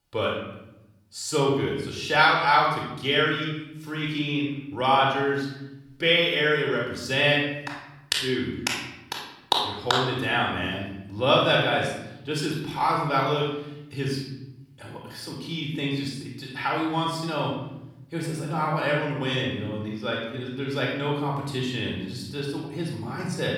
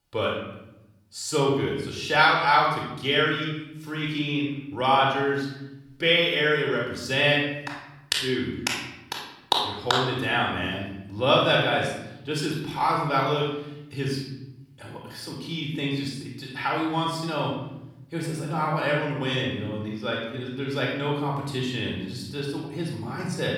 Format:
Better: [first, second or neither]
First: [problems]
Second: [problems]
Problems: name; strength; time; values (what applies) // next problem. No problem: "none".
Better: neither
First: off-mic speech; far // room echo; noticeable; dies away in 1.1 s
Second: off-mic speech; far // room echo; noticeable; dies away in 1.1 s